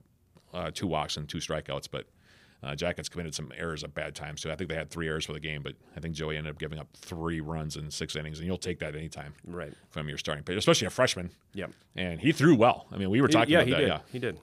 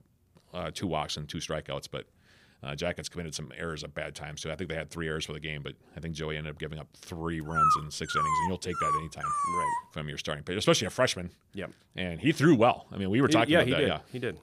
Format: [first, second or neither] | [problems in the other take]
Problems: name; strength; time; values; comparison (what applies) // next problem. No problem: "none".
first | dog barking; loud; from 7.5 to 10 s; peak 6 dB above the speech